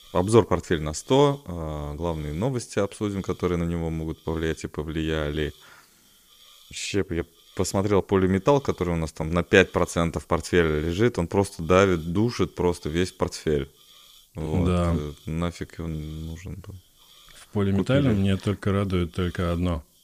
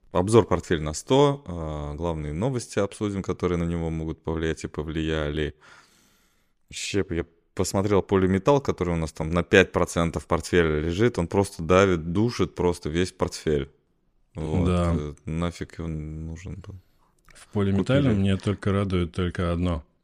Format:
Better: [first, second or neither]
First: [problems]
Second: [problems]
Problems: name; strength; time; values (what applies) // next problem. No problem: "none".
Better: second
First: hiss; faint; throughout; 30 dB below the speech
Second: none